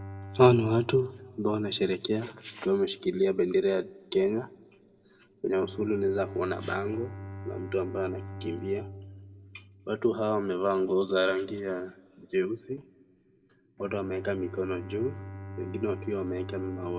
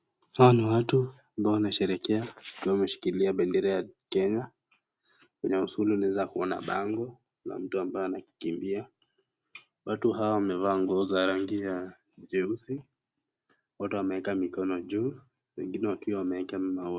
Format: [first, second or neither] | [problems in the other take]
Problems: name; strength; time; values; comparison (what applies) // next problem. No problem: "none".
second | background sound (Bowed string instrument); 15 dB below the speech // room echo; dies away in 0.4 s